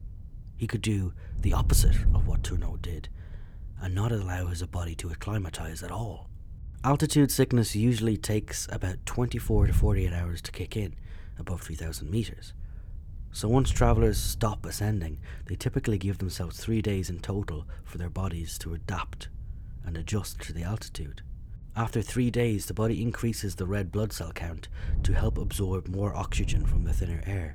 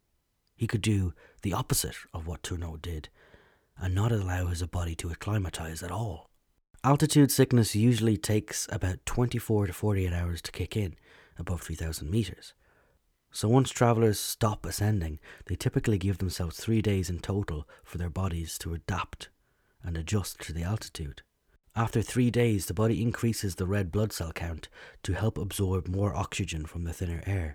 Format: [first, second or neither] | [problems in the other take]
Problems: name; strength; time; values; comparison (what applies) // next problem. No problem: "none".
second | wind noise on the microphone; occasional gusts; 20 dB below the speech